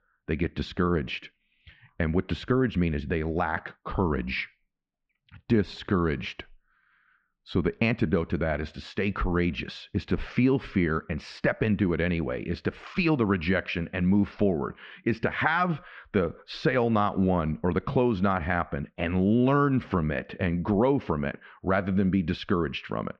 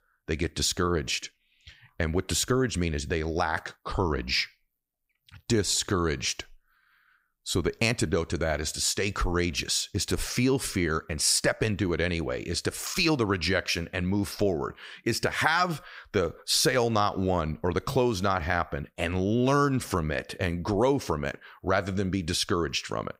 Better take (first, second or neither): second